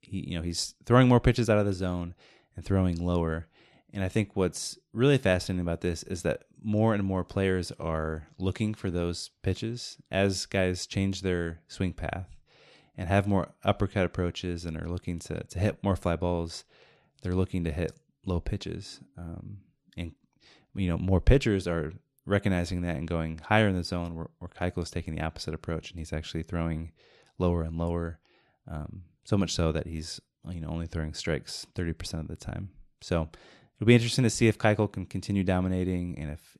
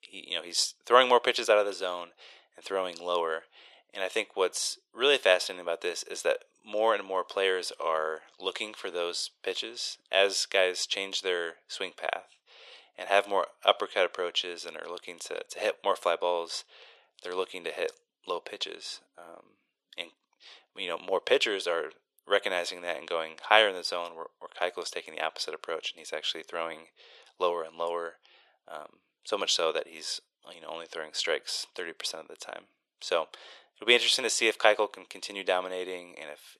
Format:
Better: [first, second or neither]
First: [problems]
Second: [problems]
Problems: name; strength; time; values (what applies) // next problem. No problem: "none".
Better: first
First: none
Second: thin; very; fading below 500 Hz